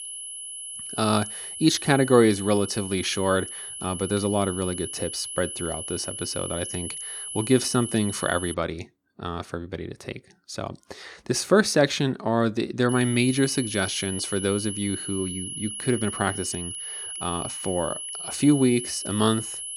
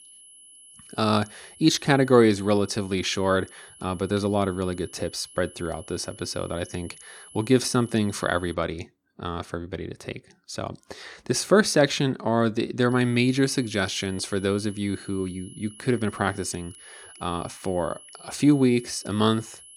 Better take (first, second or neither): second